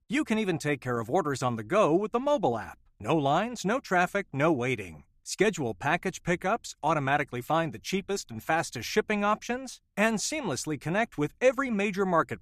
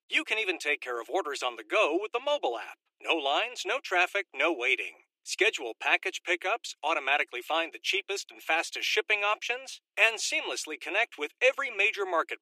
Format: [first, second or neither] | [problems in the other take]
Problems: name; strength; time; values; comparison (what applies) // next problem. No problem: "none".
first | thin; very; fading below 350 Hz